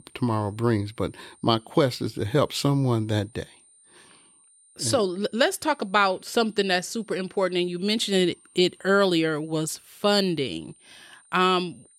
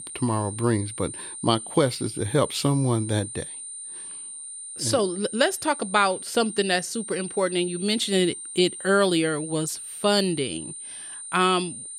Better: first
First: high-pitched whine; faint; throughout; 9 kHz, 30 dB below the speech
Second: high-pitched whine; loud; throughout; 9 kHz, 10 dB below the speech

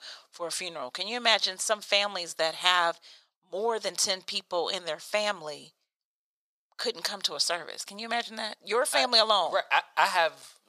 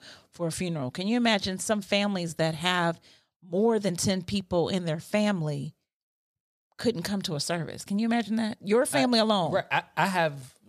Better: second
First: thin; very; fading below 650 Hz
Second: none

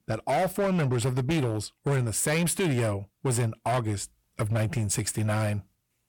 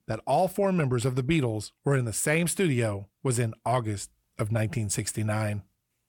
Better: second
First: distortion; slight; 14% of the sound clipped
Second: none

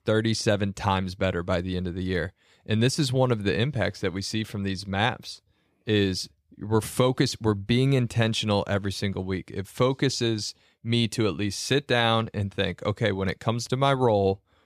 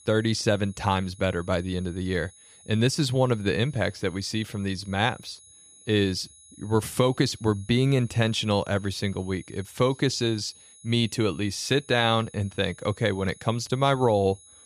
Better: first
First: none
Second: high-pitched whine; faint; throughout; 10 kHz, 25 dB below the speech

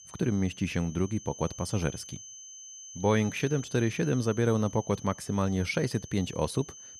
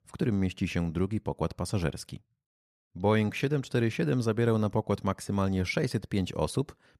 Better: second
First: high-pitched whine; noticeable; throughout; 6 kHz, 15 dB below the speech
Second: none

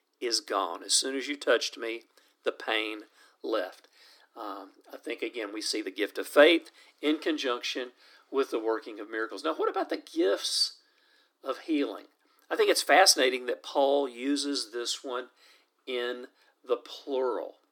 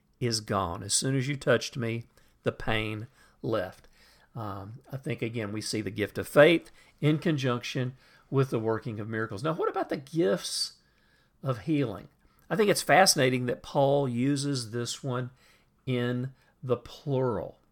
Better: second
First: thin; somewhat; fading below 300 Hz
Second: none

